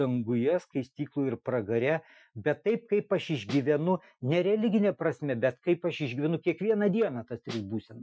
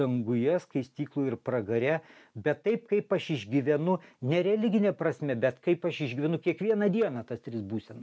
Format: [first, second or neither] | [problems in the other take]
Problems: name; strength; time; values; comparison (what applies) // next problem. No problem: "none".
second | noise reduction (classical method Wiener filter)